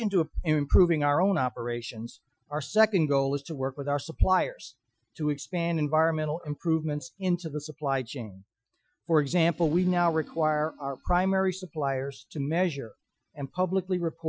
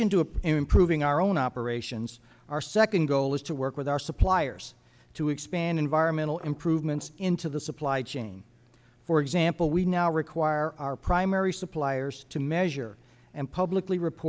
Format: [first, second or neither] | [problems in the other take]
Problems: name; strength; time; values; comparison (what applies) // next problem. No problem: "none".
second | noise reduction (classical method Wiener filter)